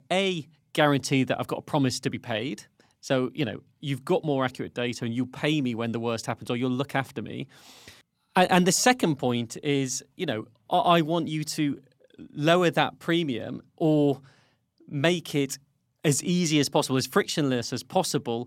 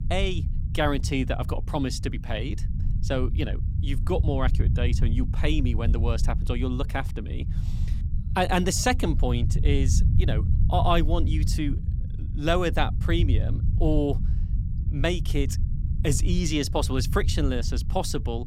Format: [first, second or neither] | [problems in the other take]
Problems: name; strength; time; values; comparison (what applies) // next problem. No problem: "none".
first | low rumble; noticeable; throughout; 15 dB below the speech